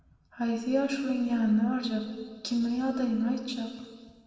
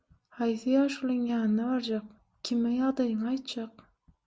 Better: second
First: room echo; dies away in 1.5 s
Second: none

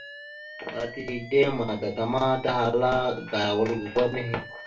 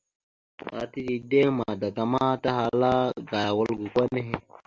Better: second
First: background sound (Alarm); 18 dB below the speech // room echo; dies away in 0.2 s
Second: none

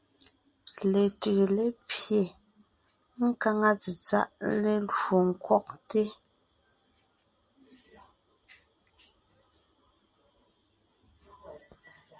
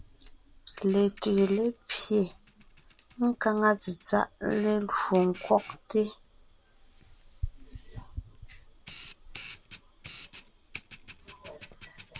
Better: first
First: none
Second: background sound (Camera); 16 dB below the speech

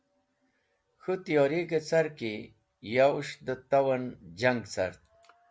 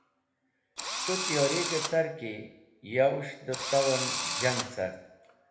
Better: first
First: none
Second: background sound (Engine / Drill); 2 dB below the speech // room echo; dies away in 0.9 s

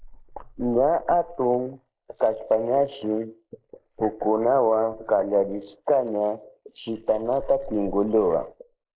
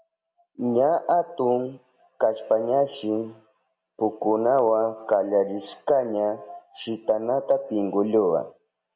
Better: second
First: noise reduction (neural mask model Resemble Enhance denoiser)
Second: none

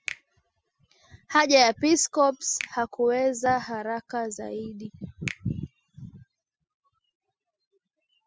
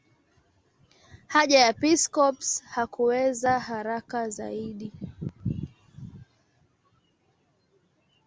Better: second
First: noise reduction (classical method spectral subtraction)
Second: none

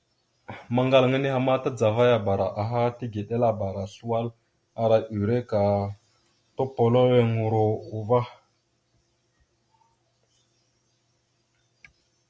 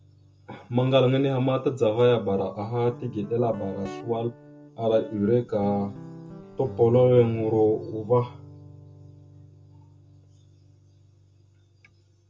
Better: first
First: none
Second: background sound (Guitar); 18 dB below the speech // room echo; dies away in 0.2 s

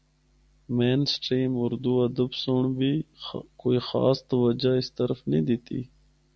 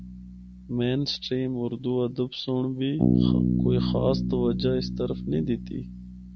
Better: first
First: none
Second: background sound (Bass guitar); as loud as the speech

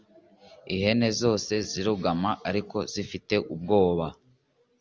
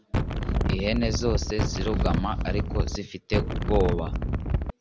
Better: first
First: none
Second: background sound (Wind); 4 dB above the speech

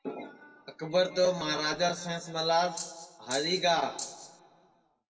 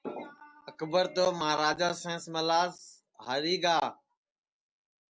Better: second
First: background sound (Rattle (instrument)); 11 dB below the speech // room echo; dies away in 1.4 s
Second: none

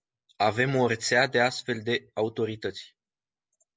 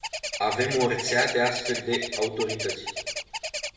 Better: first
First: none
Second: background sound (Bird); 6 dB below the speech // room echo; dies away in 0.9 s

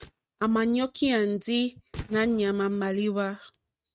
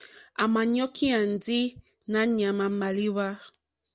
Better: second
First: noise reduction (neural mask model RNNoise)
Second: none

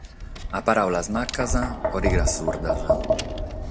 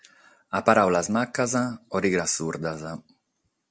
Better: second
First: background sound (Tap); 1 dB above the speech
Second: none

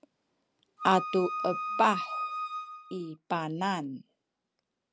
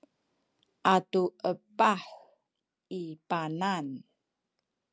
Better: second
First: background sound (Wind instrument, woodwind instrument); 4 dB below the speech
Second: none

